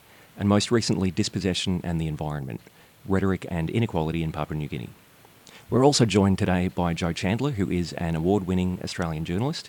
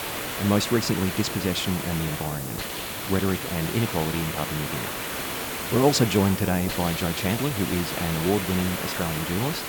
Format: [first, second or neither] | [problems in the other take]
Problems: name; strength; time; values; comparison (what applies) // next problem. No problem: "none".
first | hiss; loud; throughout; 4 dB below the speech; faint in the first